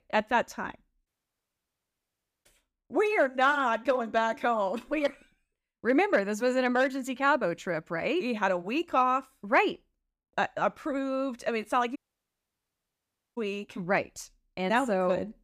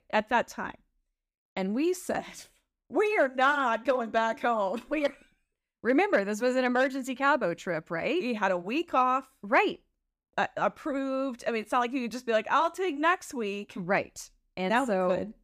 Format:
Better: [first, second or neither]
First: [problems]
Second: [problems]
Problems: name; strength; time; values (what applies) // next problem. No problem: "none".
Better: second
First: audio cutting out; at 1 s for 1.5 s and at 12 s for 1.5 s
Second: none